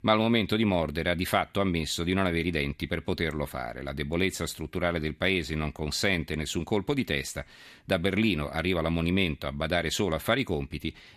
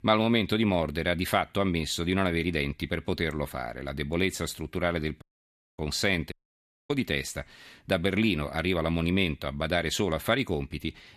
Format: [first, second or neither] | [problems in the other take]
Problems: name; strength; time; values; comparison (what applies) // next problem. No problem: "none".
first | audio cutting out; at 5 s for 0.5 s and at 6.5 s for 0.5 s